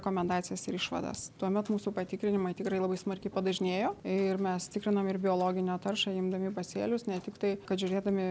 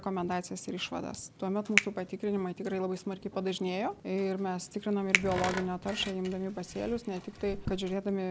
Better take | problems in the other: first | background sound (Tools + Finger snapping); 4 dB below the speech

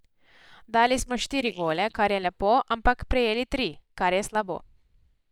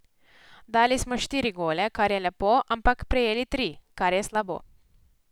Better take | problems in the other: second | noise reduction (neural mask model DeepFilterNet 3)

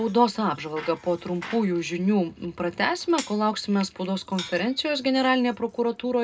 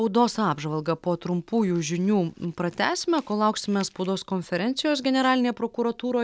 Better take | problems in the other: second | background sound (Bicycle); 19 dB below the speech // room echo; dies away in 0.2 s

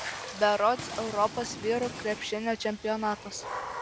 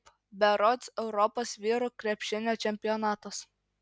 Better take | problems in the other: second | background sound (Water / Splash, splatter); 10 dB below the speech

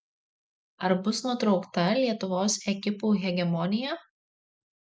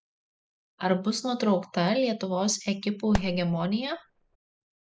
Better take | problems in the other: first | background sound (Fireworks); 8 dB below the speech

